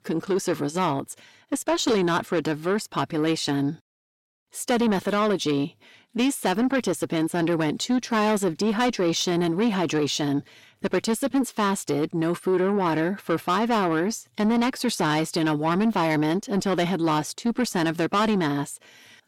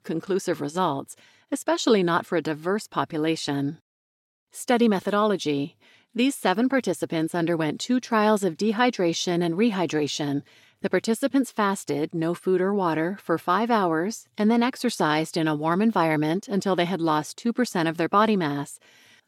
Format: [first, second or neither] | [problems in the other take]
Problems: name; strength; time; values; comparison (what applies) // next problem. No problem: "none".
second | distortion; slight; 10 dB below the speech